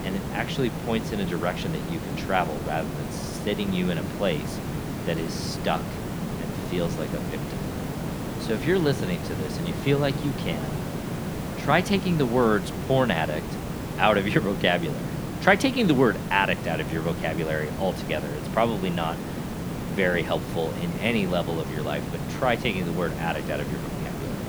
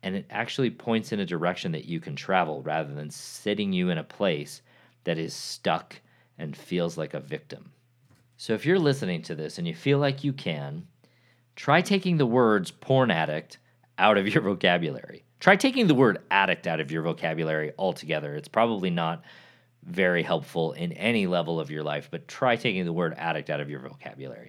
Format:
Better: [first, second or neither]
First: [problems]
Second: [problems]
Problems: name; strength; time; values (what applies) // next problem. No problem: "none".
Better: second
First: hiss; loud; throughout; 5 dB below the speech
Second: none